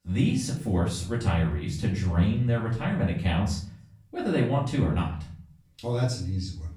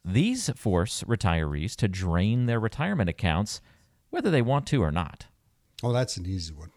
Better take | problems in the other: second | off-mic speech; far // room echo; slight; dies away in 0.5 s

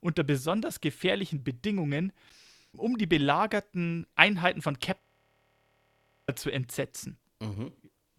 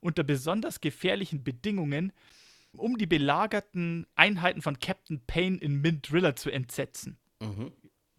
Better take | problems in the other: second | audio freezing; at 5 s for 1.5 s

